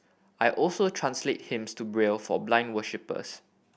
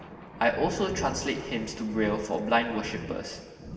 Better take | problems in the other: first | background sound (Thunder); 11 dB below the speech // room echo; dies away in 1.9 s

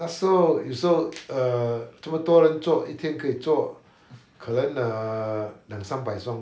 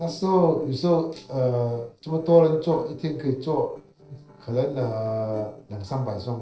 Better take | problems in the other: first | noise reduction (neural separator model SepFormer DNS4)

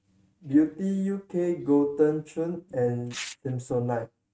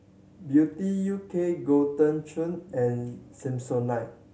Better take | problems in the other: second | noise reduction (neural mask model RNNoise)

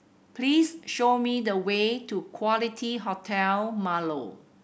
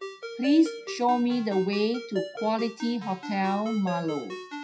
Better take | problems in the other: first | noise reduction (classical method WPE with log-MMSE)

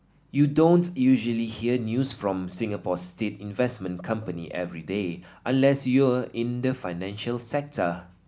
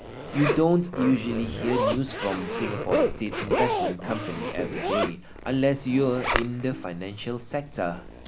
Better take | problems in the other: first | background sound (Zipper (clothing)); 2 dB below the speech

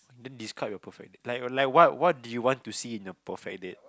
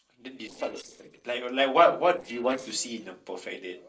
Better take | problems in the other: first | noise reduction (neural separator model SepFormer DNS4)

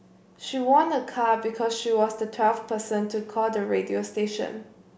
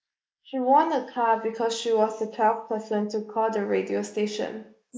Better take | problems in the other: first | noise reduction (neural mask model Resemble Enhance denoiser)

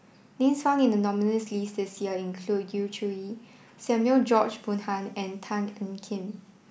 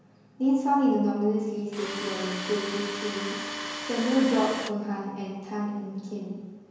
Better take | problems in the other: first | background sound (Tools); 7 dB below the speech // room echo; dies away in 1.2 s

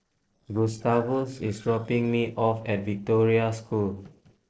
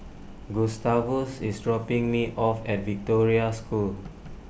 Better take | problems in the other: second | noise reduction (neural separator model SepFormer DNS4)

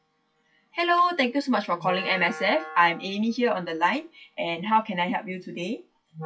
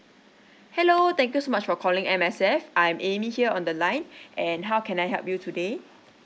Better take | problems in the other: second | noise reduction (classical method WPE with log-MMSE)

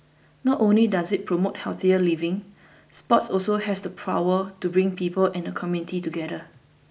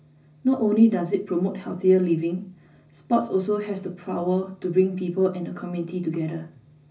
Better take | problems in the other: first | room echo; dies away in 0.4 s

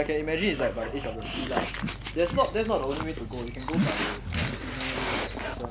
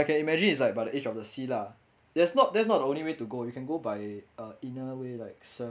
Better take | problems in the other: second | background sound (Dog); 2 dB below the speech

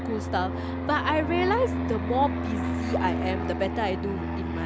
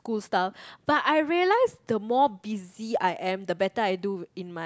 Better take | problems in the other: second | background sound (Fixed-wing aircraft, airplane); 1 dB below the speech

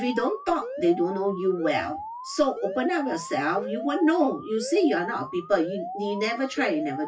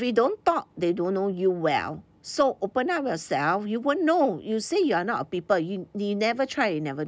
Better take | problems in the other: second | noise reduction (classical method WPE with log-MMSE)

